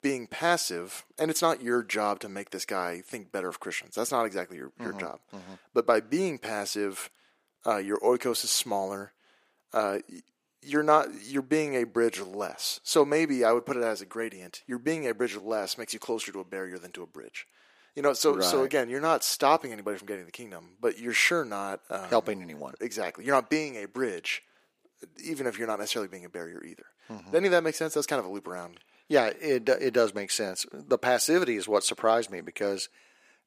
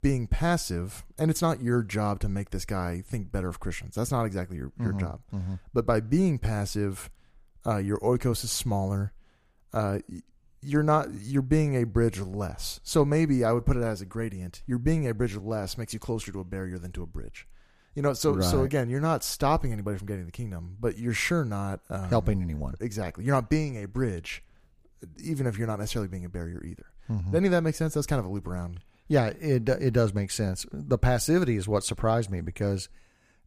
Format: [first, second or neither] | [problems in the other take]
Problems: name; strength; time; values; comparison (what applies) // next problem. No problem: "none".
second | thin; somewhat; fading below 350 Hz